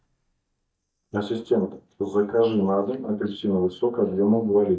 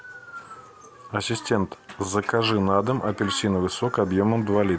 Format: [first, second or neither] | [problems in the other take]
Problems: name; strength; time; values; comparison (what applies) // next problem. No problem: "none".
second | noise reduction (neural mask model DeepFilterNet 3)